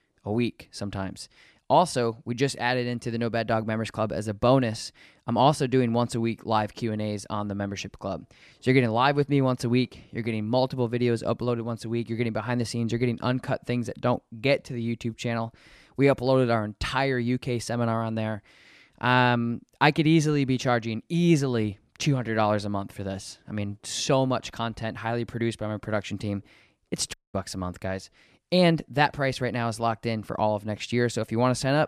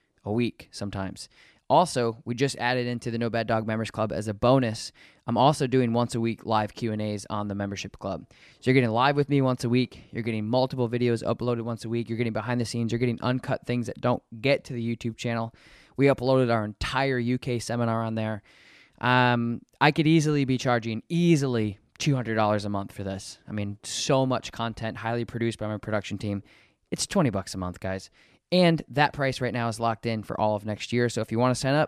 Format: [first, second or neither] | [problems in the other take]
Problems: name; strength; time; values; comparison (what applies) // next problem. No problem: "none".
second | audio cutting out; at 27 s